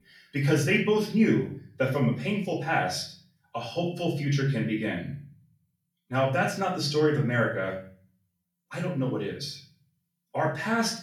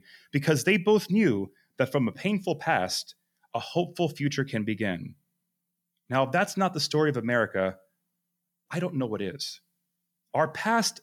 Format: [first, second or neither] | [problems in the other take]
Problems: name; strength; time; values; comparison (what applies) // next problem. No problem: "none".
second | off-mic speech; far // room echo; slight; dies away in 0.4 s